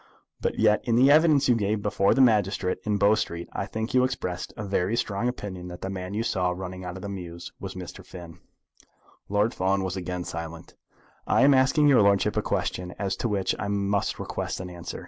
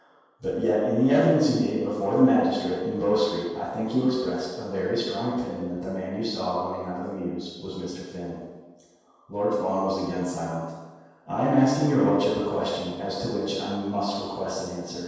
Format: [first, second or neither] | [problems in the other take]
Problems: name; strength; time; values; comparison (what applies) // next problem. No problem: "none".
first | room echo; dies away in 1.2 s